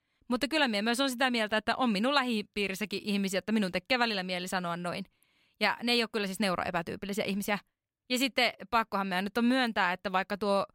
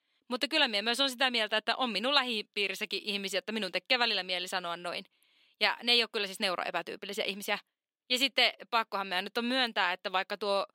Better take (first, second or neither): first